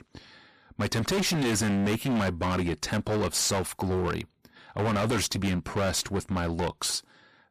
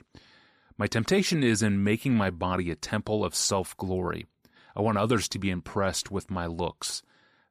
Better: second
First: distortion; heavy; 22% of the sound clipped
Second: none

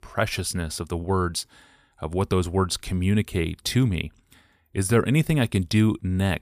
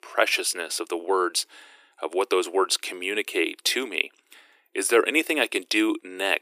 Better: first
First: none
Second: thin; very; fading below 300 Hz

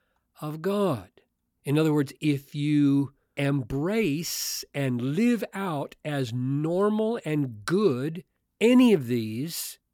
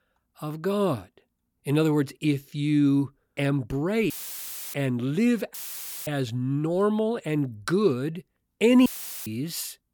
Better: first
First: none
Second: audio cutting out; filled with static; at 4 s for 0.5 s, at 5.5 s for 0.5 s and at 9 s

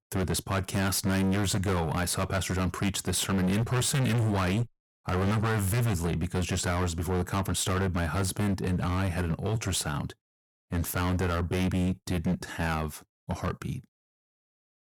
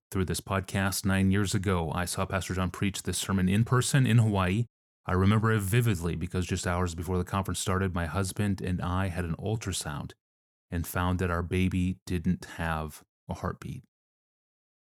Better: second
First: distortion; heavy; 21% of the sound clipped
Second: none

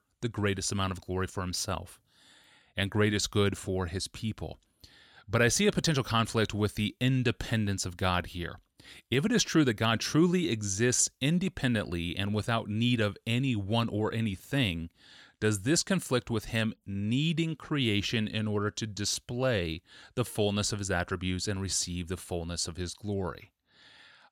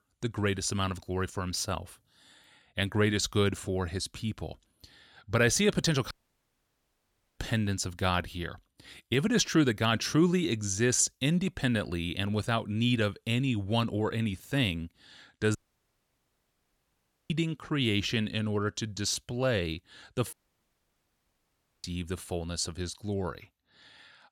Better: first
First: none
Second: audio cutting out; at 6 s for 1.5 s, at 16 s for 2 s and at 20 s for 1.5 s

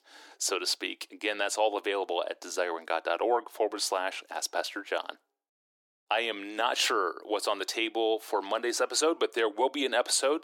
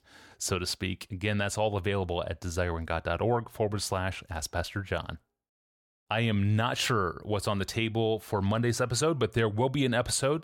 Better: second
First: thin; very; fading below 300 Hz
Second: none

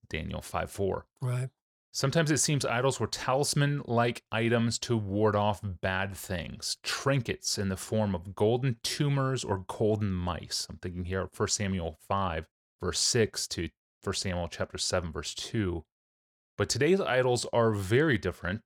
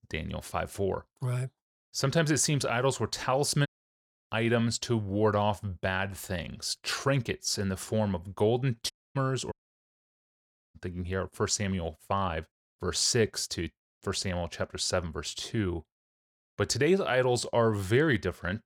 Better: first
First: none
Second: audio cutting out; at 3.5 s for 0.5 s, at 9 s and at 9.5 s for 1 s

